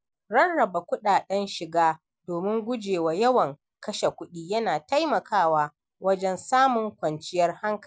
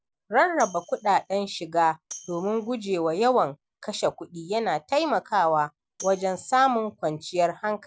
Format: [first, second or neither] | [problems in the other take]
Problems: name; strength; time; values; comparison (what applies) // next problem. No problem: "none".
first | background sound (Tambourine); 20 dB below the speech